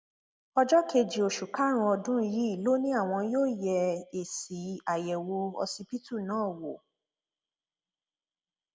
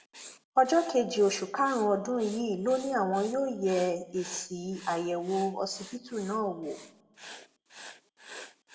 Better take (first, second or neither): first